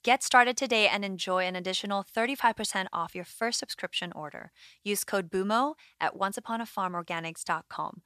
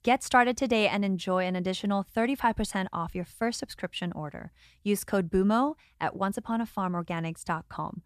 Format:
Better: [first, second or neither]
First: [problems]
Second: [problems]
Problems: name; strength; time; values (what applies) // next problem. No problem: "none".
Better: second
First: thin; somewhat; fading below 650 Hz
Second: none